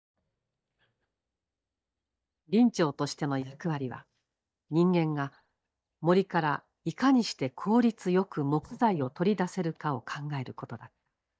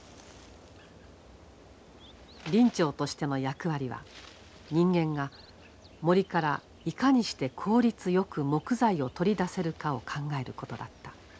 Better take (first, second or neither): second